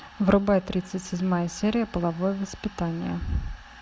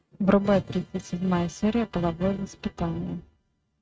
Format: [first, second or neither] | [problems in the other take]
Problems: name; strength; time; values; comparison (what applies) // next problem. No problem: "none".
first | noise reduction (neural mask model RNNoise)